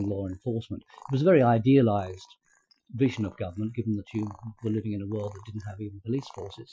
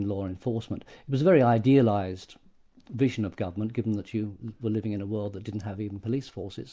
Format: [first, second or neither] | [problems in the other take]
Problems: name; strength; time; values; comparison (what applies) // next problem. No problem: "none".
second | noise reduction (classical method Wiener filter)